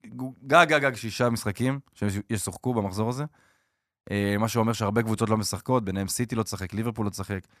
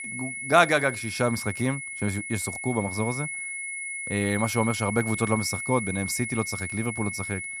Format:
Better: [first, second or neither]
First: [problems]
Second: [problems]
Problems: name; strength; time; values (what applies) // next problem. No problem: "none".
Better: first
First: none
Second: high-pitched whine; loud; throughout; 2 kHz, 5 dB below the speech